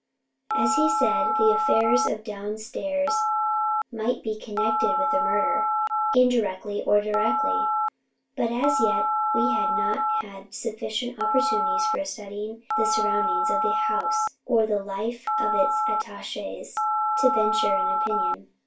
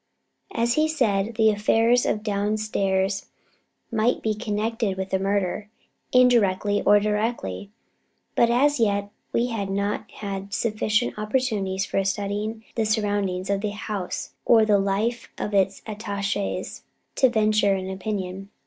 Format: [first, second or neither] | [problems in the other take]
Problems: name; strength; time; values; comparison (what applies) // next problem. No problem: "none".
second | background sound (Telephone); 2 dB above the speech // room echo; dies away in 0.2 s